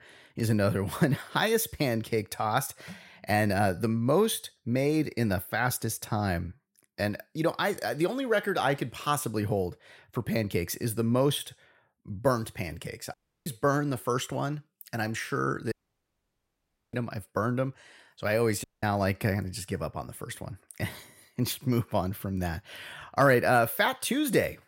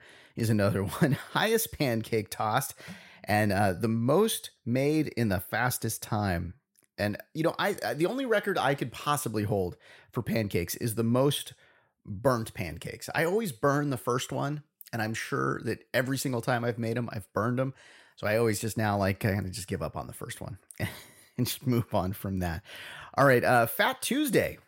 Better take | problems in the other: second | audio cutting out; at 13 s, at 16 s for 1 s and at 19 s

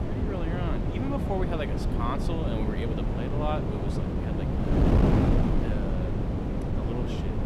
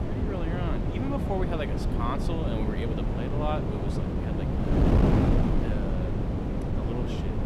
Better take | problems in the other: neither | wind noise on the microphone; heavy; 2 dB above the speech; the same in both

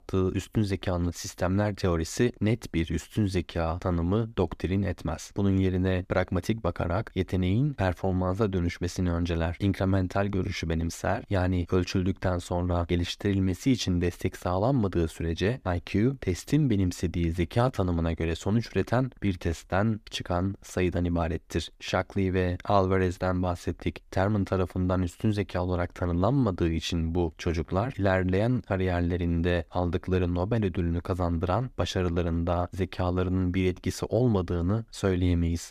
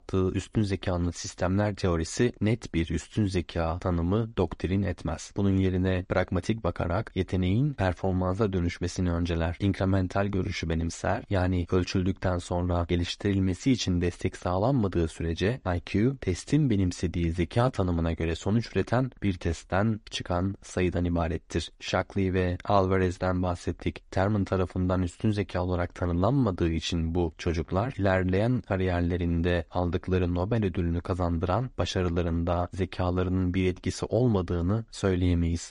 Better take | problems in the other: first | garbled, watery; slightly; nothing above 10.5 kHz

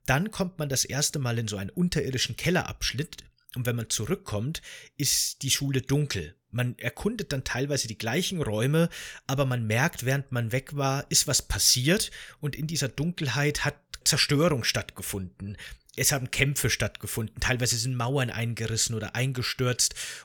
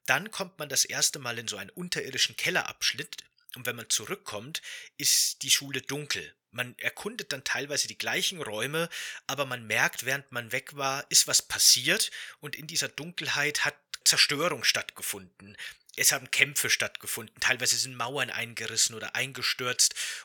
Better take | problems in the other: first | thin; somewhat; fading below 900 Hz

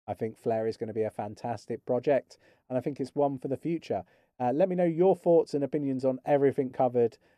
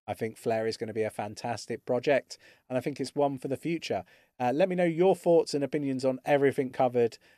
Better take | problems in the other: second | muffled; slightly; fading above 1.5 kHz

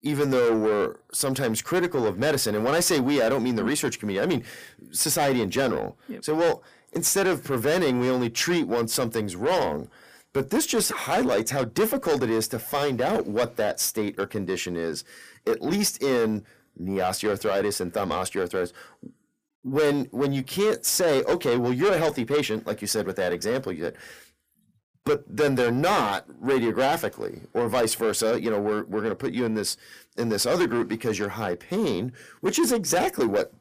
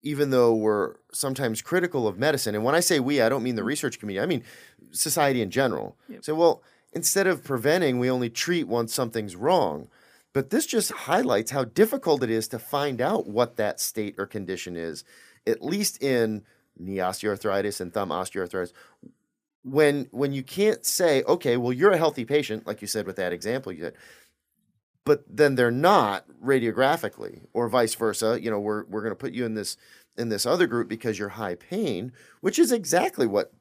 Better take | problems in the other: second | distortion; heavy; 8 dB below the speech

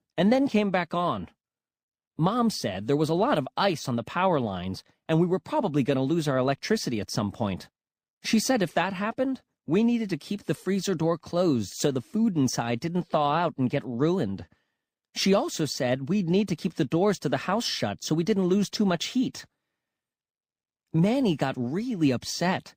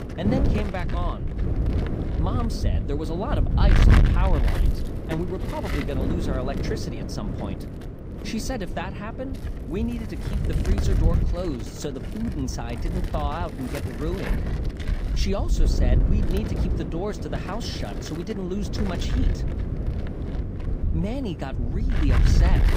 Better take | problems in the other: first | wind noise on the microphone; heavy; 2 dB below the speech

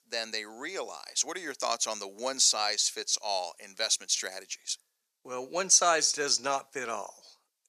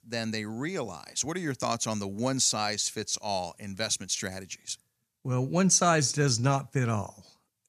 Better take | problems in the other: second | thin; very; fading below 450 Hz

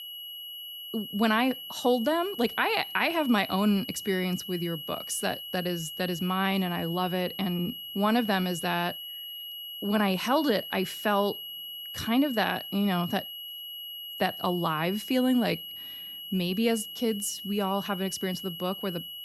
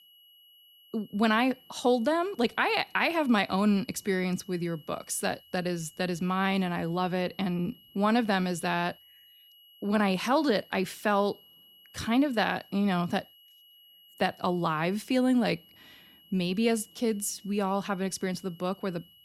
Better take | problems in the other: second | high-pitched whine; loud; throughout; 3 kHz, 9 dB below the speech; faint in the second

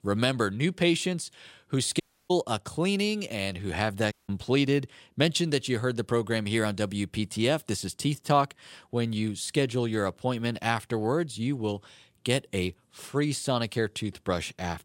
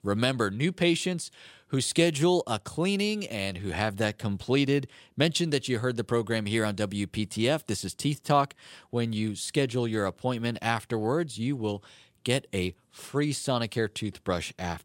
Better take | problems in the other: second | audio cutting out; at 2 s and at 4 s

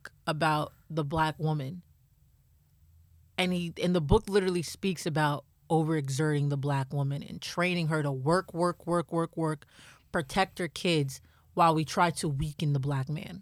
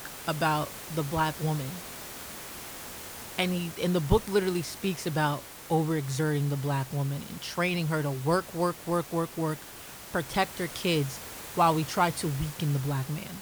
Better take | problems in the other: first | hiss; noticeable; throughout; 10 dB below the speech

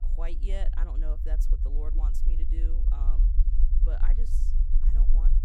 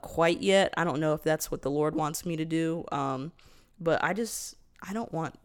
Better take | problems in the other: second | low rumble; loud; throughout; 5 dB below the speech

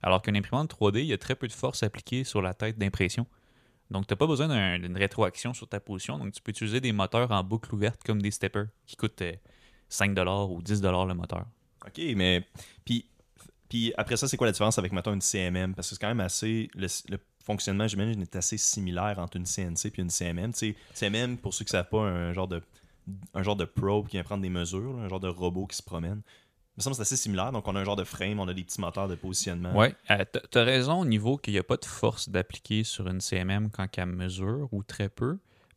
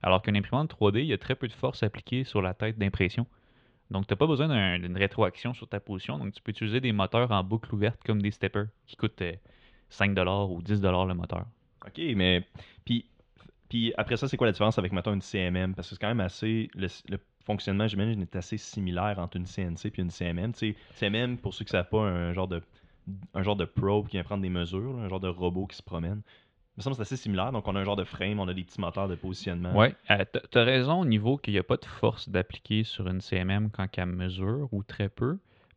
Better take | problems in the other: first | muffled; very; fading above 3.5 kHz

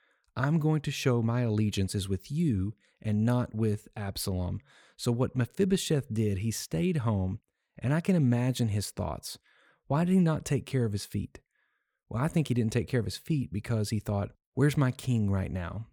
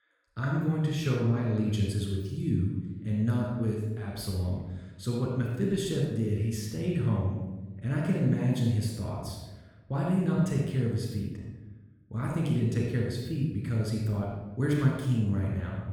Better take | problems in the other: first | off-mic speech; far // room echo; noticeable; dies away in 1 s

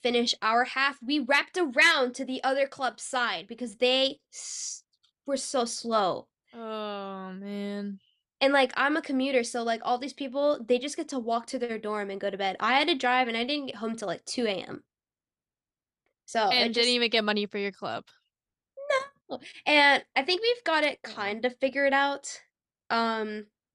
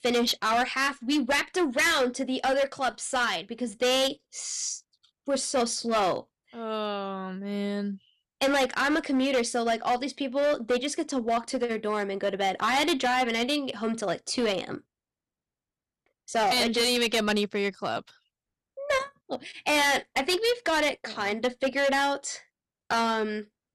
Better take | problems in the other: first | distortion; heavy; 10% of the sound clipped

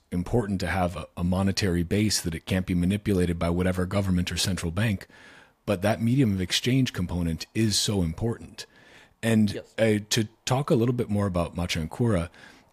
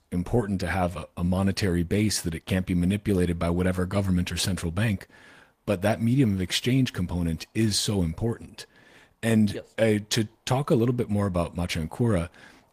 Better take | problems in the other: first | garbled, watery; slightly; nothing above 15 kHz

